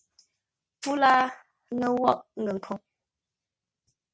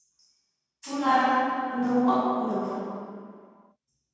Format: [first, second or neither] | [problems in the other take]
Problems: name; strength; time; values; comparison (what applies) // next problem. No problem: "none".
first | room echo; dies away in 2.1 s